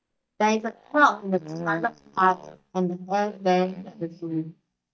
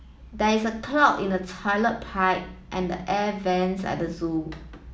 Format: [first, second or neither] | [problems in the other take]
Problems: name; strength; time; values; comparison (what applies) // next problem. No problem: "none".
second | noise reduction (neural mask model DeepFilterNet 3)